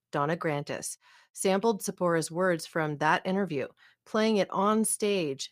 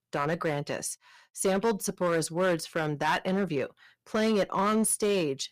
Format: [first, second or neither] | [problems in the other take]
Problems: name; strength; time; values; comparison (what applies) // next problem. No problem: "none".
first | distortion; slight; 6% of the sound clipped